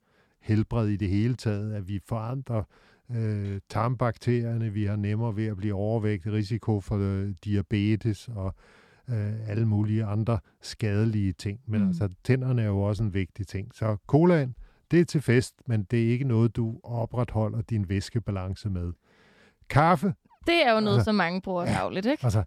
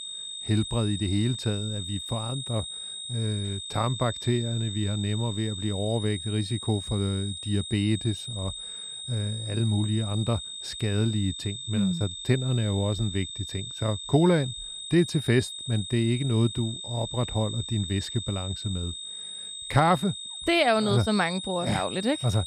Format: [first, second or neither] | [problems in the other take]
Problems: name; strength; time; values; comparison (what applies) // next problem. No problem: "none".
first | high-pitched whine; loud; throughout; 3.5 kHz, 7 dB below the speech